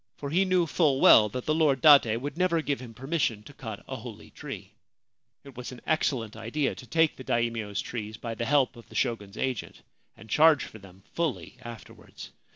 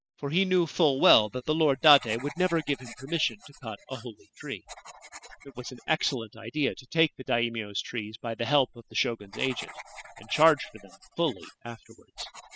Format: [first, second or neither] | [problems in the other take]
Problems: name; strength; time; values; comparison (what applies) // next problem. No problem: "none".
first | noise reduction (classical method spectral subtraction)